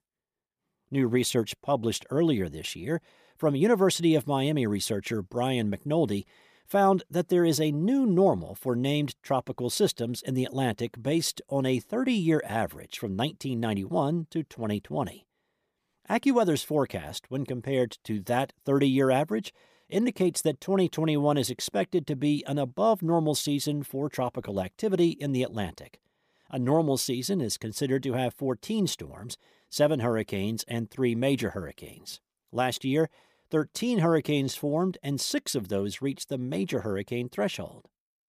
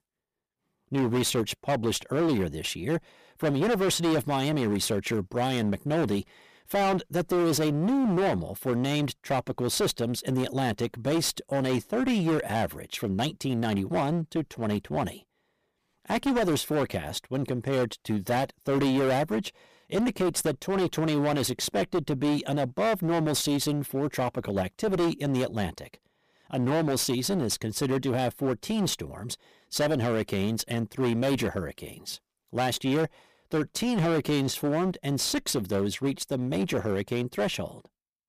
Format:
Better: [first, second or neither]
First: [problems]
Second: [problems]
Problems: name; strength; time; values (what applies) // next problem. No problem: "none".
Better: first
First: none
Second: distortion; heavy; 18% of the sound clipped